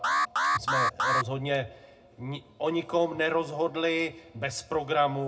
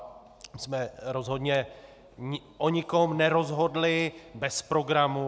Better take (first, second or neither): second